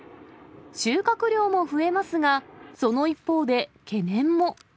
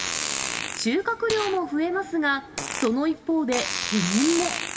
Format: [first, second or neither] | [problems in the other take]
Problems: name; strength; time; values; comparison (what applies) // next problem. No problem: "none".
first | background sound (Fart); 6 dB below the speech // room echo; dies away in 1.1 s